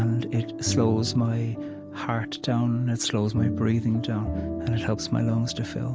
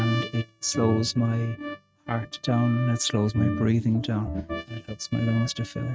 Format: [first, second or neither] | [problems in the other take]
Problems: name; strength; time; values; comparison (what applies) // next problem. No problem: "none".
first | noise reduction (neural mask model RNNoise)